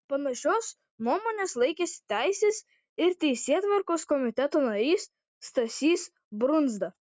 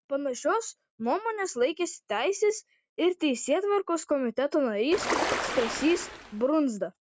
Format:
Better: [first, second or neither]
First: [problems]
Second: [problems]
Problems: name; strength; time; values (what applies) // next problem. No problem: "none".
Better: first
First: none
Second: background sound (Ocean); 3 dB below the speech